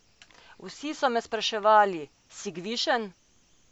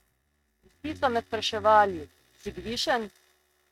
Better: first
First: none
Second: noise reduction (neural mask model RNNoise)

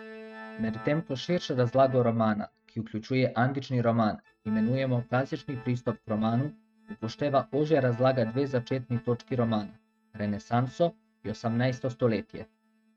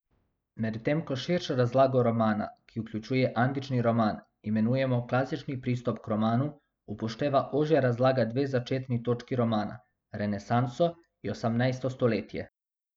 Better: second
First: noise reduction (neural mask model RNNoise)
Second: none

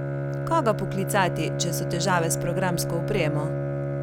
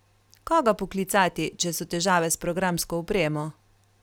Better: second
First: background sound (Bowed string instrument); as loud as the speech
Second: none

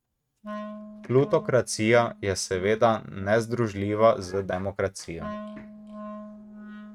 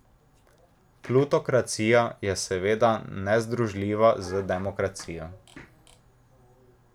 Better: second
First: noise reduction (neural mask model RNNoise)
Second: none

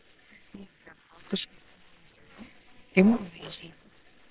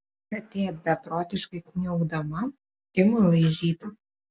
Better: second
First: noise reduction (neural separator model SepFormer WHAMR!)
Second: none

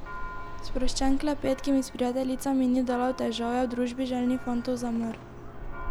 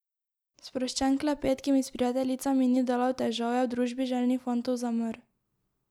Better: second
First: background sound (Church bell); 5 dB below the speech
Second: none

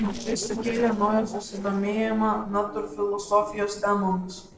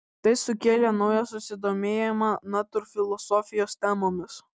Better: second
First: noise reduction (neural separator model SepFormer DNS4)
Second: none

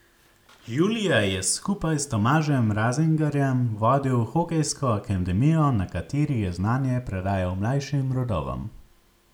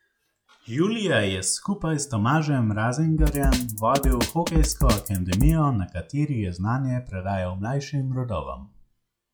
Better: first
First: none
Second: noise reduction (classical method log-MMSE)

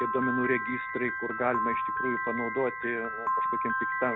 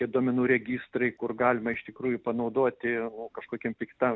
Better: second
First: background sound (Piano); 1 dB above the speech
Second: none

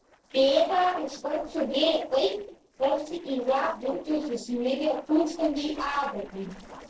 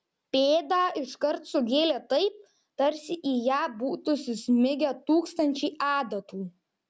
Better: second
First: noise reduction (neural separator model SepFormer DNS4)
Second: none

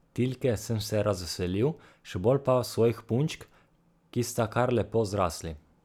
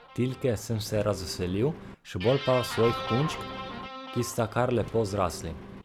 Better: first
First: none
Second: background sound (Engine + Guitar); 10 dB below the speech

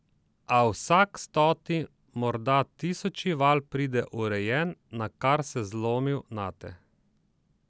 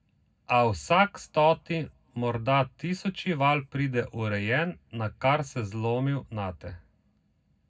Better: first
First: none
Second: room echo; dies away in 0.3 s

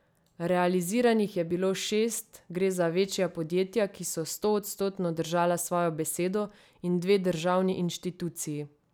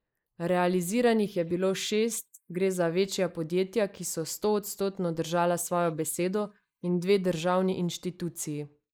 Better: first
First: none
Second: noise reduction (neural mask model Resemble Enhance denoiser)

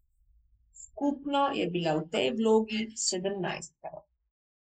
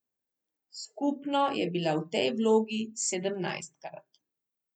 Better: second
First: noise reduction (neural mask model Resemble Enhance denoiser)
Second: none

